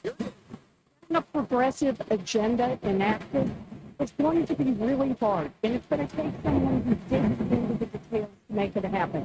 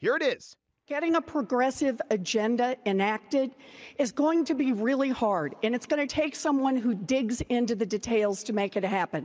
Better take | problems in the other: second | noise reduction (neural mask model RNNoise)

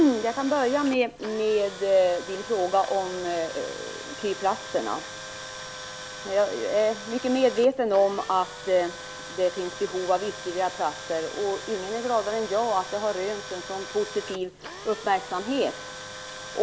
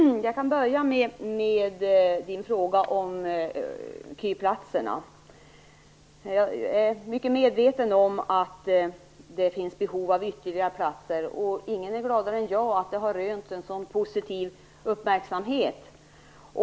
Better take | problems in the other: second | background sound (Tools); 12 dB below the speech

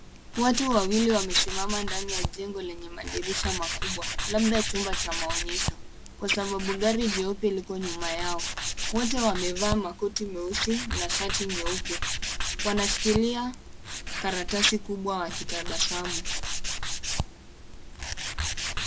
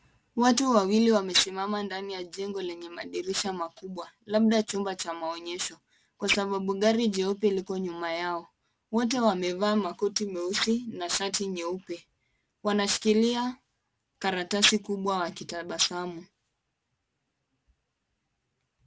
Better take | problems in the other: second | background sound (Tools); 1 dB below the speech

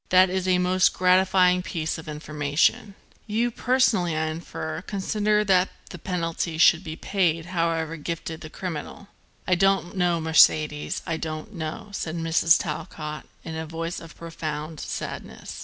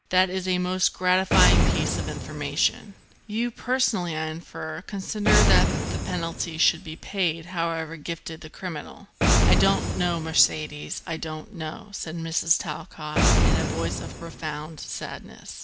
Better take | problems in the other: first | background sound (Boom); 1 dB above the speech

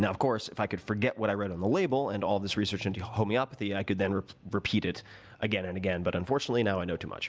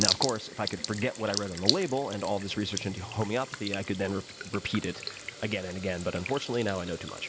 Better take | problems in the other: first | background sound (Sink (filling or washing) / Water tap, faucet); 4 dB below the speech

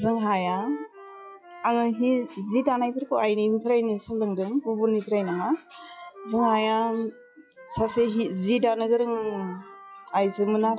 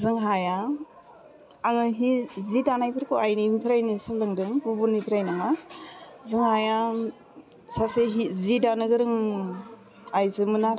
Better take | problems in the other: second | noise reduction (classical method log-MMSE)

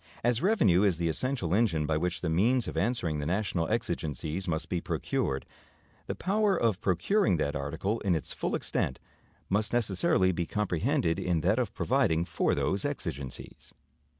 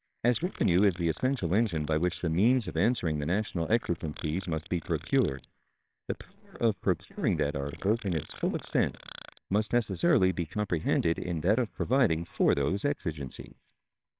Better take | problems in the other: first | noise reduction (neural separator model SepFormer WHAMR!)

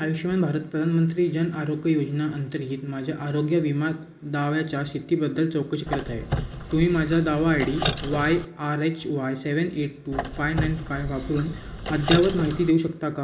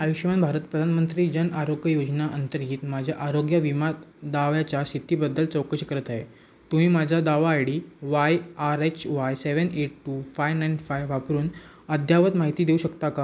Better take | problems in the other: second | background sound (Squeak); 6 dB below the speech // room echo; dies away in 1.5 s

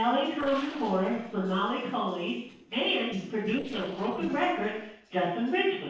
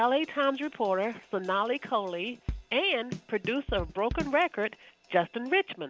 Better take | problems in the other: second | noise reduction (neural separator model SepFormer DNS4)

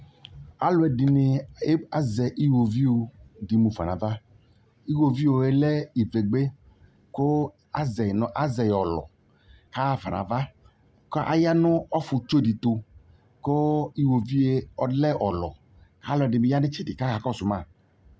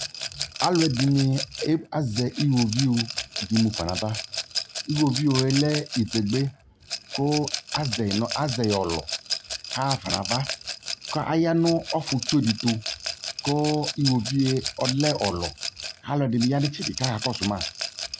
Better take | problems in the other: first | background sound (Rattle / Glass); 7 dB below the speech

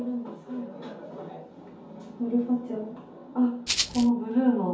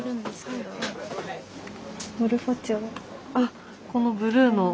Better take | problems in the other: second | background sound (Rattle (instrument)); 1 dB below the speech // room echo; dies away in 0.6 s

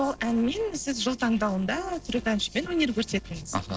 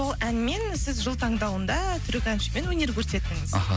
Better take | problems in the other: second | noise reduction (neural separator model SepFormer DNS4)

